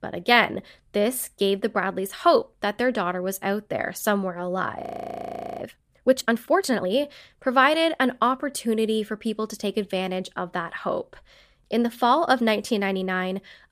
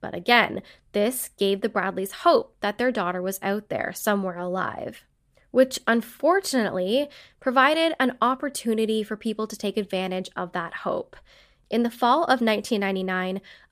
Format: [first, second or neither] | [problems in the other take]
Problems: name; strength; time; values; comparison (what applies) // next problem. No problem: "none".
second | audio freezing; at 5 s for 1 s